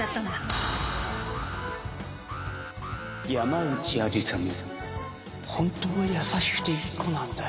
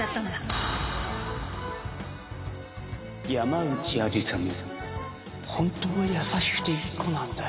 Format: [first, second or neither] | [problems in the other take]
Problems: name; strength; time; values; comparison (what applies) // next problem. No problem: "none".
second | background sound (Alarm); 11 dB below the speech